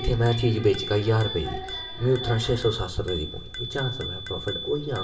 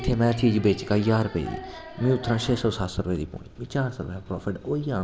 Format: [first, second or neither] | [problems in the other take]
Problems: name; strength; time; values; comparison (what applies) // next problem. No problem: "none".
second | background sound (Bicycle bell); 12 dB below the speech // room echo; dies away in 0.8 s